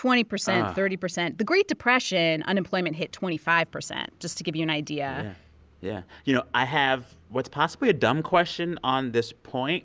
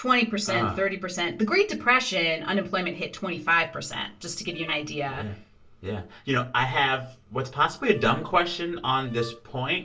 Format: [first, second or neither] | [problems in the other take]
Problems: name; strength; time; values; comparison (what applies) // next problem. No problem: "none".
first | noise reduction (neural separator model SepFormer DNS4)